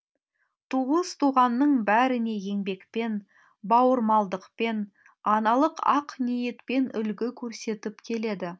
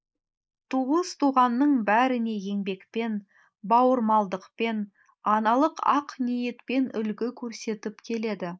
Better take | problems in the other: first | noise reduction (neural mask model Resemble Enhance denoiser)

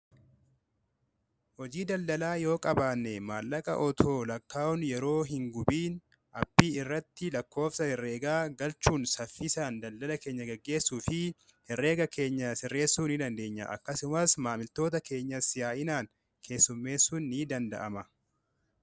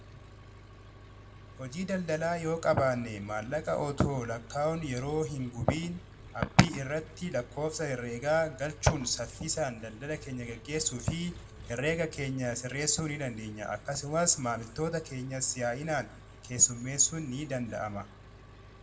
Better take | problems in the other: first | background sound (Engine); 17 dB below the speech // room echo; dies away in 0.3 s

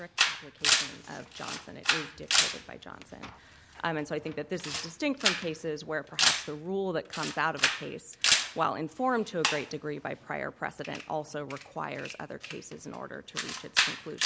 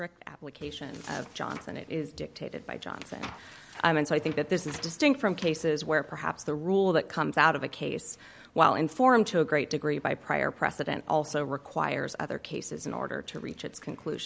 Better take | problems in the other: second | background sound (Camera); 3 dB above the speech

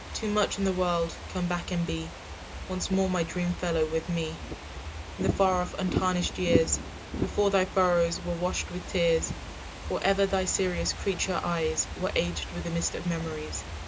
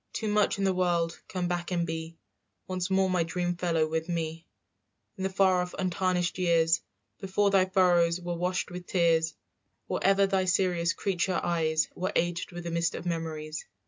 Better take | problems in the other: second | background sound (Fireworks / Ocean); 7 dB below the speech

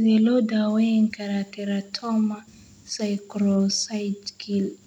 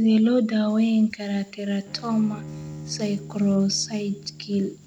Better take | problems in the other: first | background sound (Bowed string instrument); 17 dB below the speech

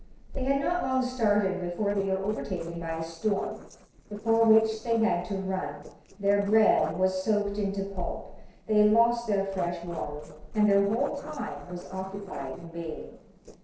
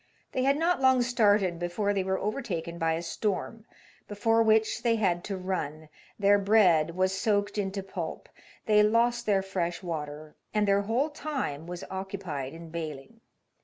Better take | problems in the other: second | noise reduction (neural separator model SepFormer DNS4)

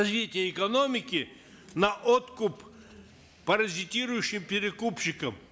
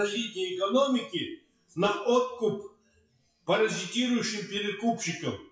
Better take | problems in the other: first | noise reduction (classical method WPE with log-MMSE)

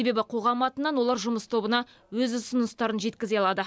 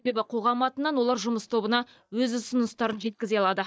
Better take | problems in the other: first | noise reduction (neural mask model DeepFilterNet 3)

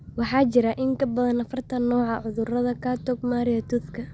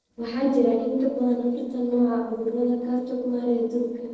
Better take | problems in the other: first | noise reduction (neural separator model SepFormer DNS4)

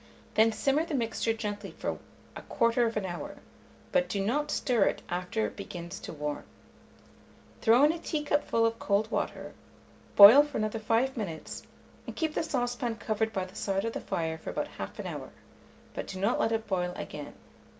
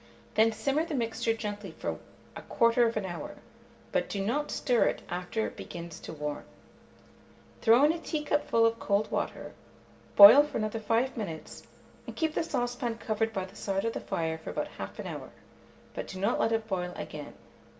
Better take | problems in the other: first | room echo; dies away in 1 s

